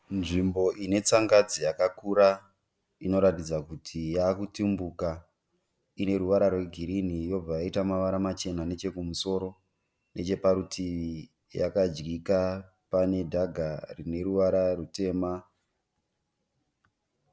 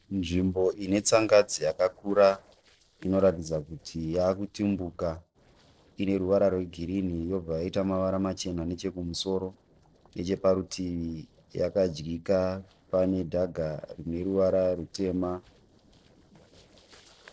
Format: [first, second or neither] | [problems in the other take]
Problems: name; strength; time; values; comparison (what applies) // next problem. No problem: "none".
first | noise reduction (neural separator model SepFormer DNS4)